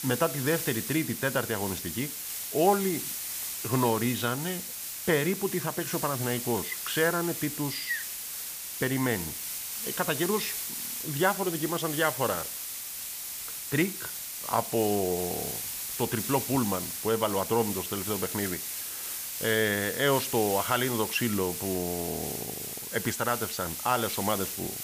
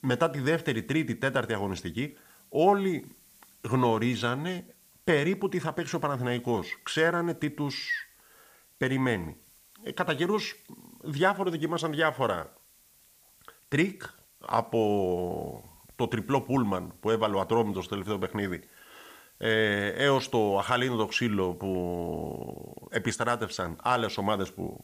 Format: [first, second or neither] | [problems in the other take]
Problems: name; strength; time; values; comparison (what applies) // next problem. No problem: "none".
second | hiss; loud; throughout; 4 dB below the speech; faint in the second